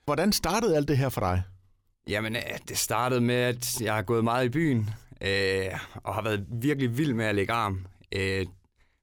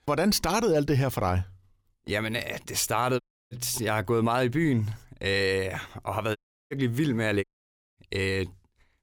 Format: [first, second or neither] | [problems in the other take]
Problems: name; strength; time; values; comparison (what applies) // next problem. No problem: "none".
first | audio cutting out; at 3 s, at 6.5 s and at 7.5 s for 0.5 s